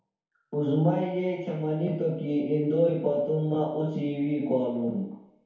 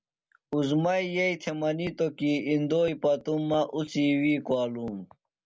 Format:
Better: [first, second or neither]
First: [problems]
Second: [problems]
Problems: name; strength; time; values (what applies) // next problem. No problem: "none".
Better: second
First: room echo; dies away in 0.9 s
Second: none